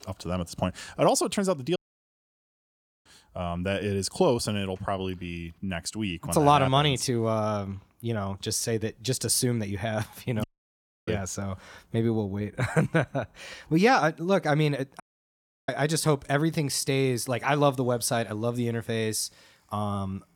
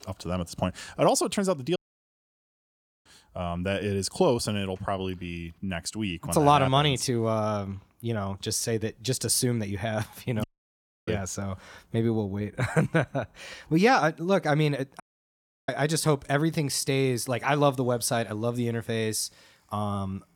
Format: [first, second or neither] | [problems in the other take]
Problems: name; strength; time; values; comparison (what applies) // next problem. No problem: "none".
neither | audio cutting out; at 2 s for 1.5 s, at 10 s for 0.5 s and at 15 s for 0.5 s; the same in both